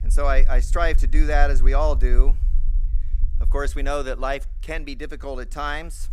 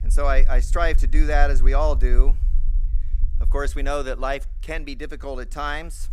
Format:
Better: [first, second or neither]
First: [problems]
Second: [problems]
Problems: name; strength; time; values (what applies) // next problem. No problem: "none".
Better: neither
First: low rumble; faint; throughout; 20 dB below the speech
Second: low rumble; faint; throughout; 20 dB below the speech